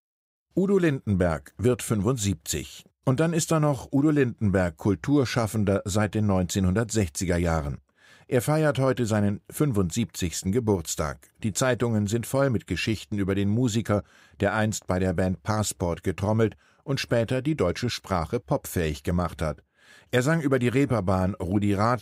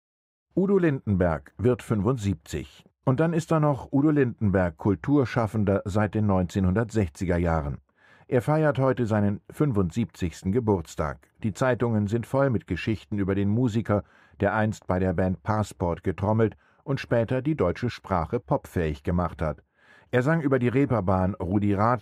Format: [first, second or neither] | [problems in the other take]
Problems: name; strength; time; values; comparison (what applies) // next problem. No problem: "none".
first | muffled; slightly; fading above 3 kHz